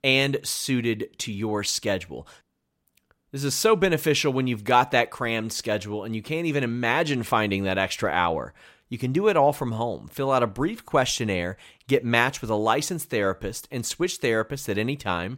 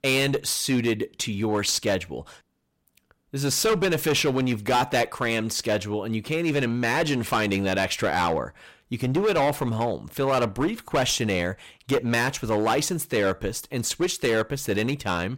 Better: first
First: none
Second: distortion; heavy; 10% of the sound clipped

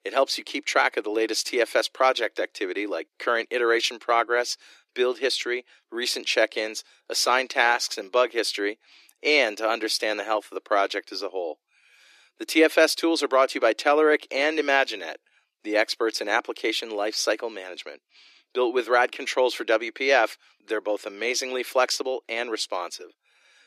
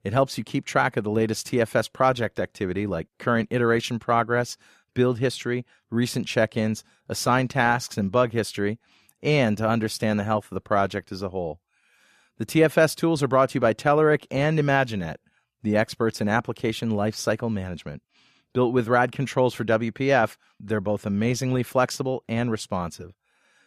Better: second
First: thin; very; fading below 300 Hz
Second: none

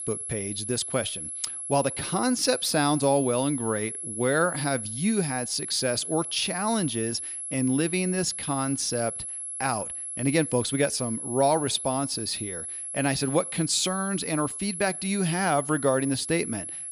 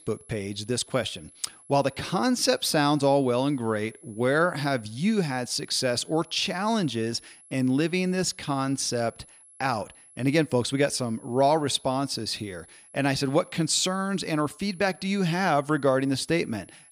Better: second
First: high-pitched whine; loud; throughout; 11 kHz, 5 dB below the speech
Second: high-pitched whine; faint; throughout; 11 kHz, 25 dB below the speech

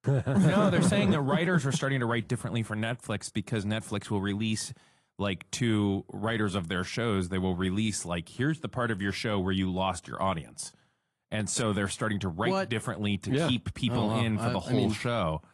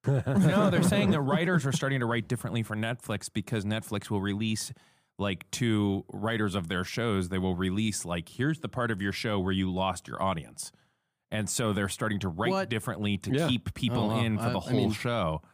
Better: second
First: garbled, watery; slightly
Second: none

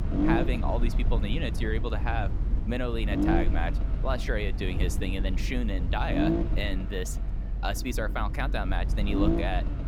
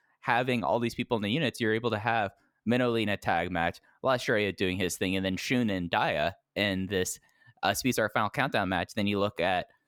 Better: second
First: low rumble; loud; throughout; 4 dB below the speech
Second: none

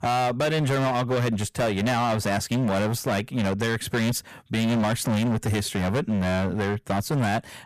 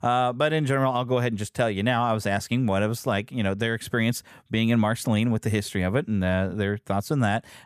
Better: second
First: distortion; heavy; 27% of the sound clipped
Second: none

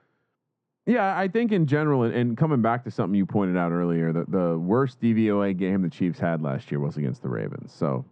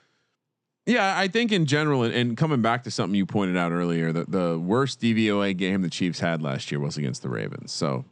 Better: second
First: muffled; very; fading above 2.5 kHz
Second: none

